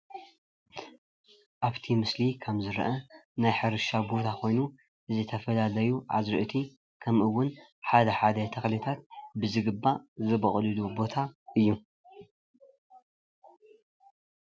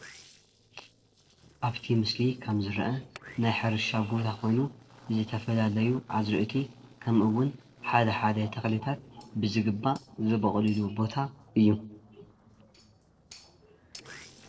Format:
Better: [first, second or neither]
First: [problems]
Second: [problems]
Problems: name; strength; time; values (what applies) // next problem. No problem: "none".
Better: first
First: none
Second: noise reduction (neural separator model SepFormer DNS4)